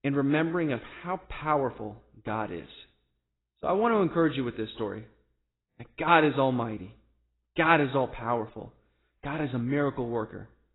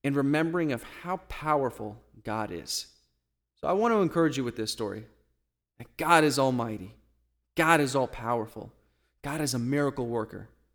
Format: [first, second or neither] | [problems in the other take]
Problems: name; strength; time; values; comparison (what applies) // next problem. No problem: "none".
second | garbled, watery; badly; nothing above 4 kHz